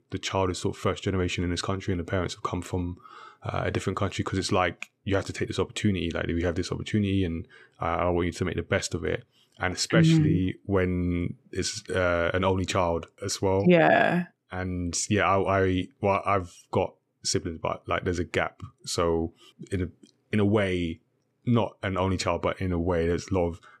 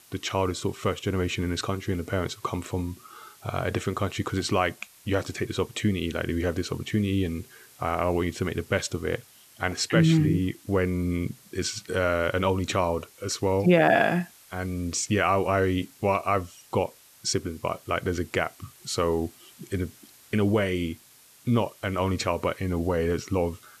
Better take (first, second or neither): first